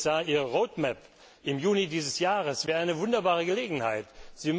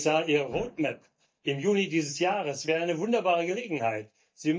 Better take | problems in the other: first | noise reduction (neural mask model DeepFilterNet 3)

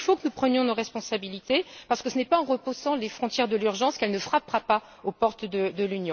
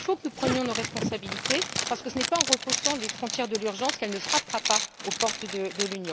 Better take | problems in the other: first | background sound (Zipper (clothing)); as loud as the speech

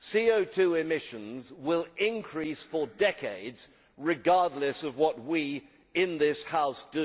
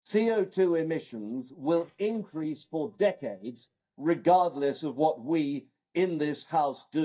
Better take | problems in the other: first | noise reduction (neural mask model DeepFilterNet 3)

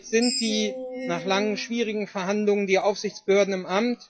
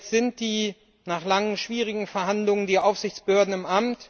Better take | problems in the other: second | noise reduction (classical method WPE with log-MMSE)

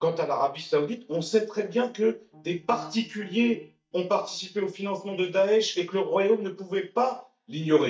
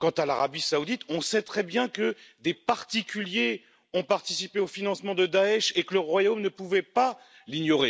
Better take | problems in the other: second | noise reduction (neural mask model DeepFilterNet 3)

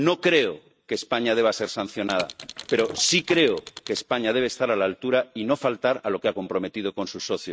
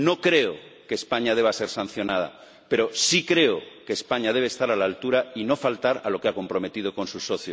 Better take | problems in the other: second | noise reduction (neural mask model RNNoise)

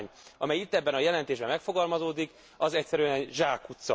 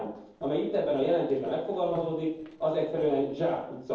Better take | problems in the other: first | noise reduction (neural separator model SepFormer DNS4)

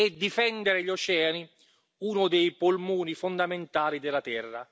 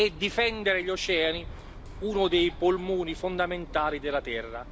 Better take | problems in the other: first | background sound (Bird); 14 dB below the speech

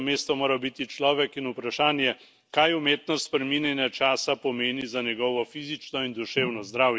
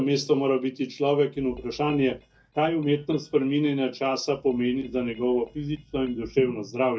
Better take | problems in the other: first | noise reduction (neural mask model DeepFilterNet 3)

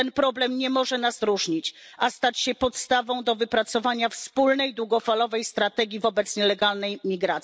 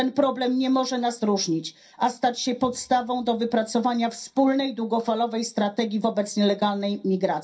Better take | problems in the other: first | room echo; dies away in 0.3 s

